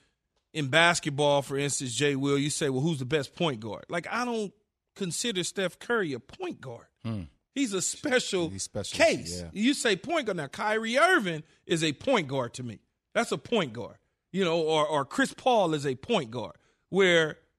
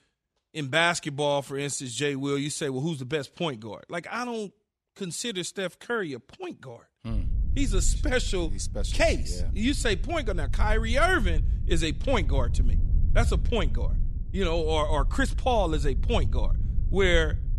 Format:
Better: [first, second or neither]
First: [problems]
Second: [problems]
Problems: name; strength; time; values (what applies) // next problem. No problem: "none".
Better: first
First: none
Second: wind noise on the microphone; occasional gusts; from 7 s on; 20 dB below the speech